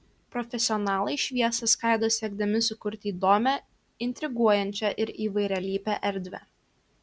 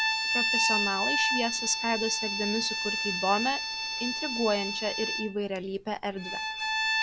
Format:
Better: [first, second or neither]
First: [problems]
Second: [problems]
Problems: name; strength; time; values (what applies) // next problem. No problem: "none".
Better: first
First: none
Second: background sound (Bowed string instrument); 2 dB above the speech